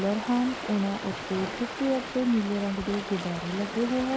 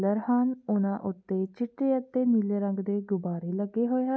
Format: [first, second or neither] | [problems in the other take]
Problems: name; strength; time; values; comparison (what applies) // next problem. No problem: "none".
second | background sound (Stream); 8 dB below the speech